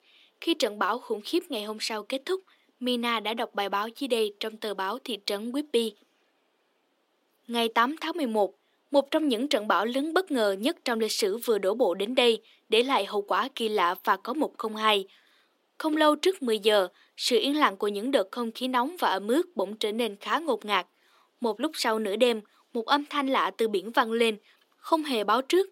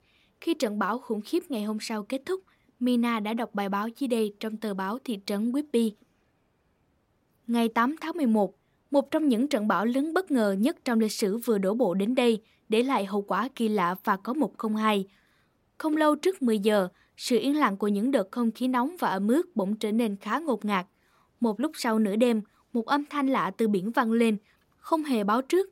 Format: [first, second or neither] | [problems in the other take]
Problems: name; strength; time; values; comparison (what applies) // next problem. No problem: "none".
second | thin; somewhat; fading below 300 Hz